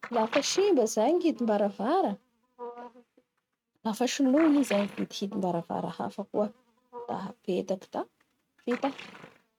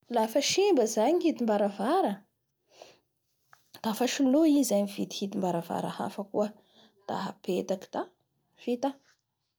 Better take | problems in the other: second | noise reduction (neural mask model RNNoise)

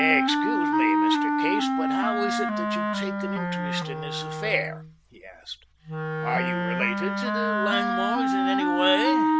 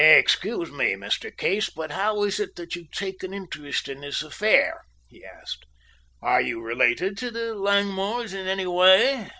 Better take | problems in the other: second | background sound (Wind instrument, woodwind instrument); 5 dB above the speech

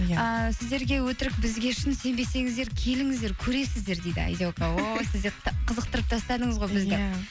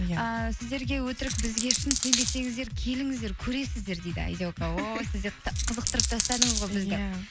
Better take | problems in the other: first | background sound (Coin (dropping)); as loud as the speech

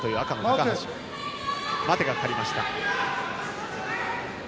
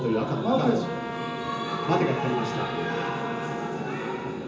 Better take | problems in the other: first | background sound (Brass instrument); 9 dB below the speech // room echo; dies away in 0.6 s

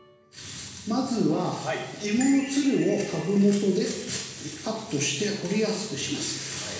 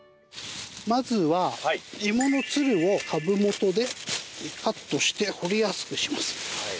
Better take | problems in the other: second | room echo; dies away in 1.1 s

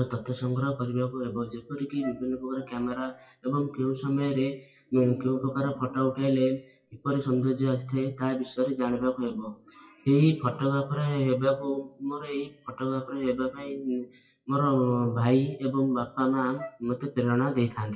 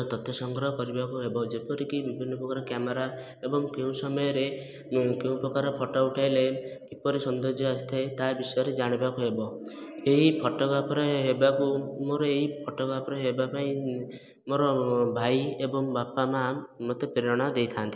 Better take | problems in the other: second | noise reduction (classical method WPE with log-MMSE)

